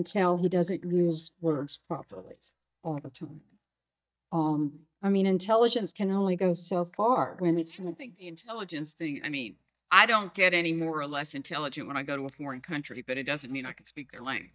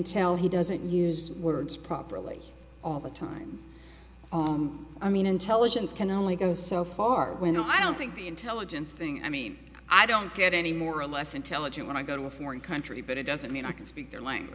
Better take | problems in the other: second | noise reduction (neural mask model DeepFilterNet 3)

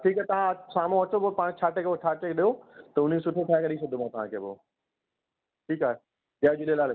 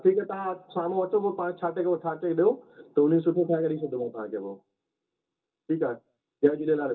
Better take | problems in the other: first | room echo; dies away in 0.2 s

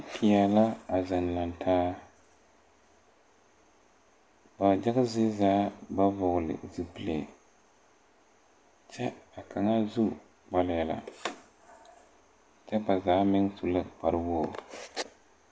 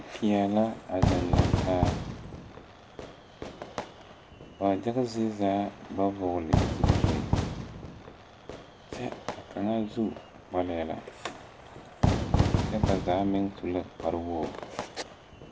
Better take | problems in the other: first | background sound (Fire / Fireworks); 1 dB above the speech

